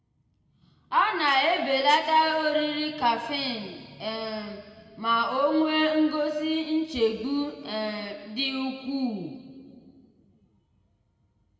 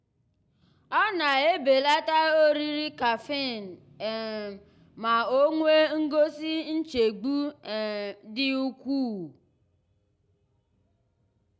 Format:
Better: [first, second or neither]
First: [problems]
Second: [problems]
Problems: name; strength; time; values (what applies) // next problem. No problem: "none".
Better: second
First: room echo; dies away in 2 s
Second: none